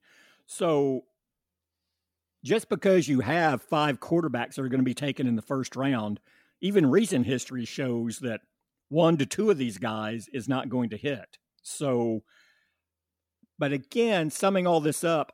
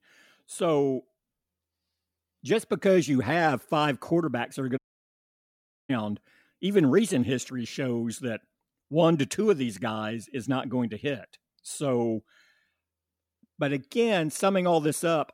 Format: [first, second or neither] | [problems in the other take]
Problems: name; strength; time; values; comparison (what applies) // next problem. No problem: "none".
first | audio cutting out; at 5 s for 1 s